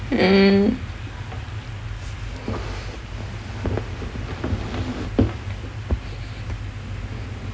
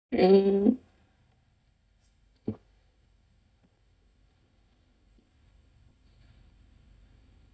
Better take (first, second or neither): first